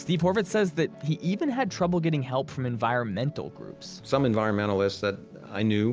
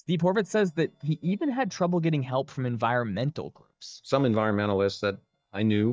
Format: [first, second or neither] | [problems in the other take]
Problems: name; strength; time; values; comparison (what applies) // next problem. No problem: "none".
first | noise reduction (neural mask model DeepFilterNet 3)